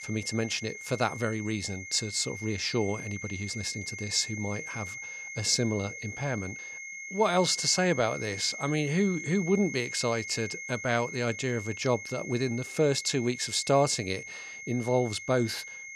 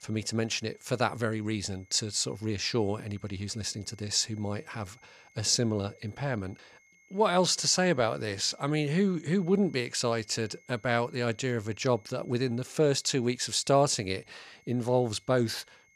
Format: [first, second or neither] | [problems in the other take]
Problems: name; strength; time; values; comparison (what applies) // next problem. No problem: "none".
second | high-pitched whine; loud; throughout; 2 kHz, 9 dB below the speech; faint in the second